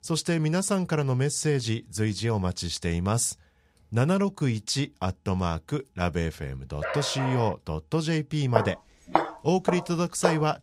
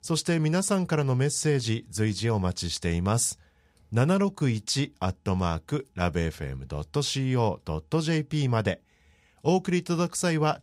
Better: second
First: dog barking; noticeable; at 7 s; peak 5 dB below the speech // footsteps; loud; from 8.5 s on; peak level with the speech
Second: none

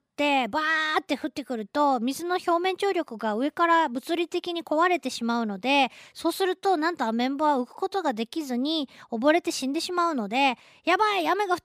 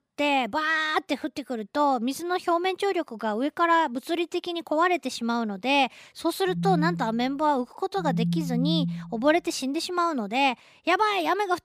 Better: first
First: none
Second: phone ringing; noticeable; from 6.5 to 9 s; peak 1 dB below the speech

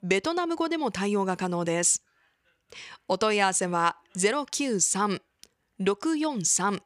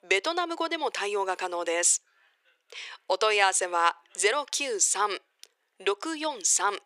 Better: first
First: none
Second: thin; very; fading below 400 Hz

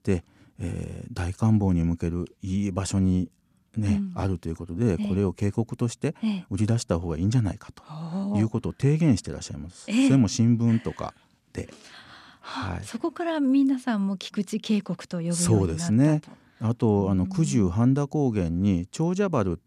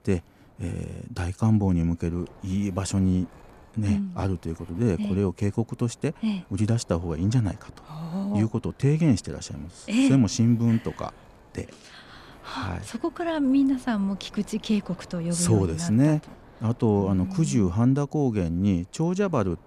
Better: first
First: none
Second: wind noise on the microphone; occasional gusts; 25 dB below the speech

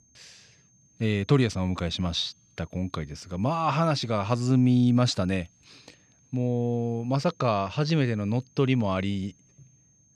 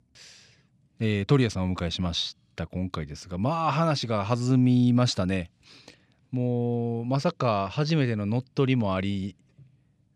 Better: second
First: high-pitched whine; faint; throughout; 6.5 kHz, 35 dB below the speech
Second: none

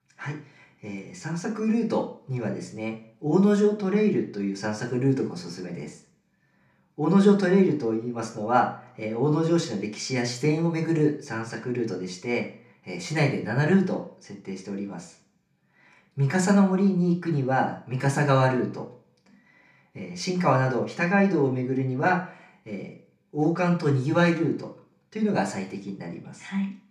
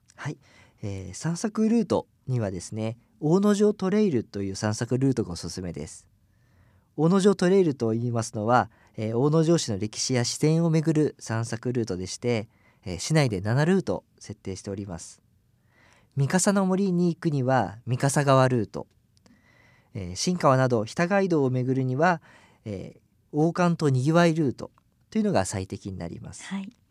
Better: second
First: room echo; slight; dies away in 0.4 s // off-mic speech; far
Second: none

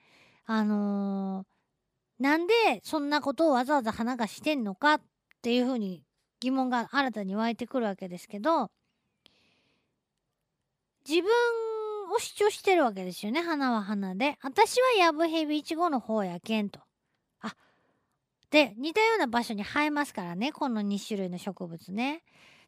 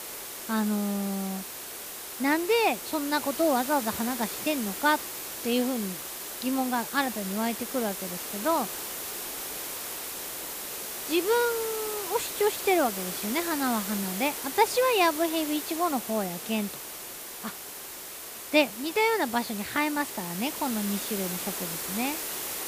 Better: first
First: none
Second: hiss; loud; throughout; 6 dB below the speech

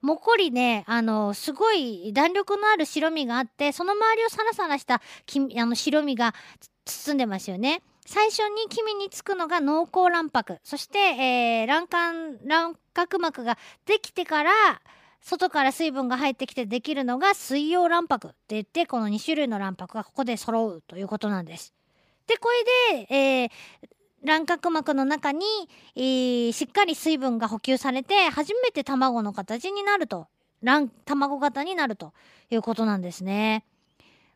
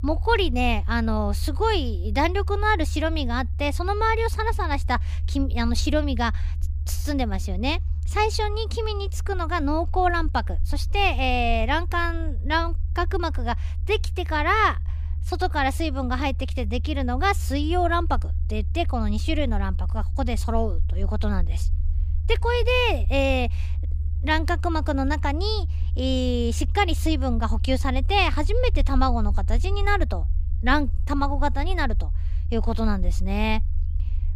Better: first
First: none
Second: low rumble; faint; throughout; 20 dB below the speech

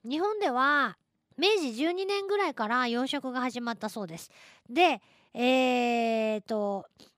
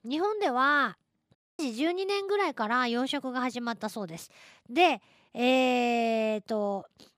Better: first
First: none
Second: audio cutting out; at 1.5 s

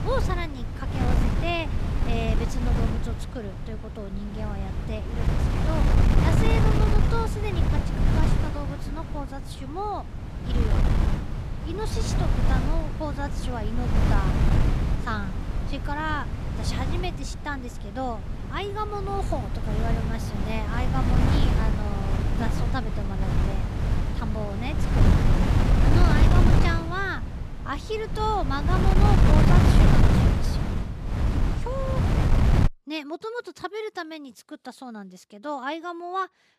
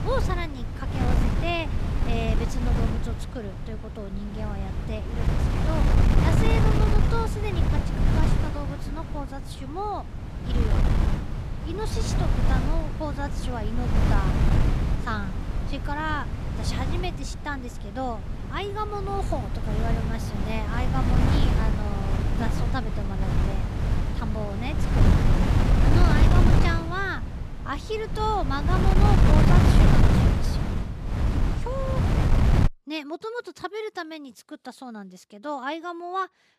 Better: neither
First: wind noise on the microphone; heavy; until 33 s; as loud as the speech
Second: wind noise on the microphone; heavy; until 33 s; as loud as the speech

